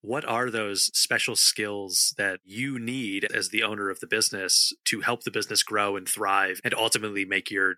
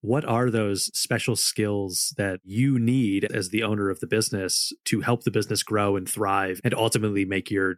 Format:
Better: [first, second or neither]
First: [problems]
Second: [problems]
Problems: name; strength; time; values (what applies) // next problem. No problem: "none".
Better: second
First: thin; somewhat; fading below 750 Hz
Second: none